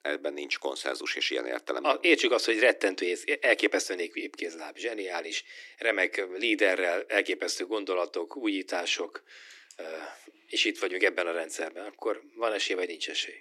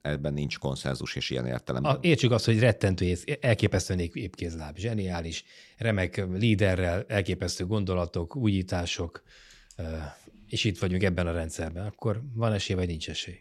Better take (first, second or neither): second